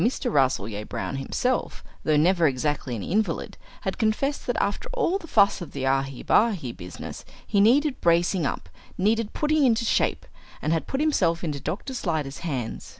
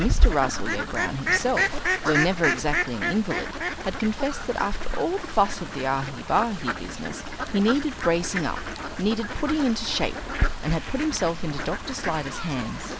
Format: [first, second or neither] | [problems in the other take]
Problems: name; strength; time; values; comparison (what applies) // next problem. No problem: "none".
first | background sound (Fowl); 2 dB below the speech